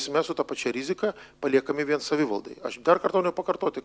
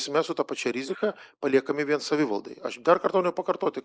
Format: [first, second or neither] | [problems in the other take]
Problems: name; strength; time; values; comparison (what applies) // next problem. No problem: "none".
first | noise reduction (neural mask model Resemble Enhance denoiser)